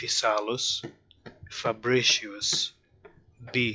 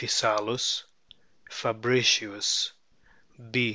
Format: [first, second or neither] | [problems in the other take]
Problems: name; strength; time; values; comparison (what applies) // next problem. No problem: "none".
second | noise reduction (classical method log-MMSE)